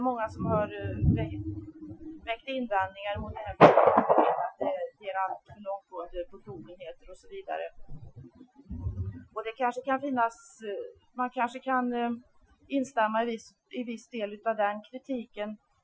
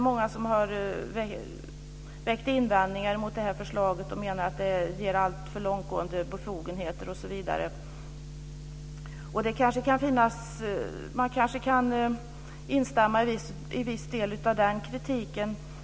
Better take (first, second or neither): second